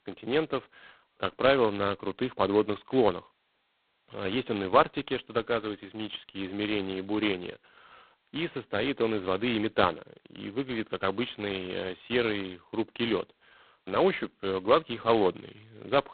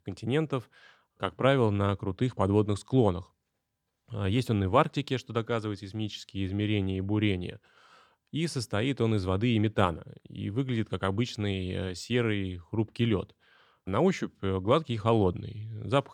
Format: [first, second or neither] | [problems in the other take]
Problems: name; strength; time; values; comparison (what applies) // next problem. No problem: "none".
second | phone-call audio; poor line; nothing above 4 kHz